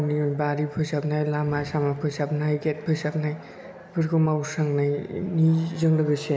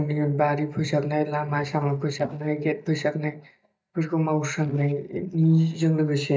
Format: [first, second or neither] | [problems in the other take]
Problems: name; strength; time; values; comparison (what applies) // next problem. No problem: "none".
first | noise reduction (neural mask model DeepFilterNet 3)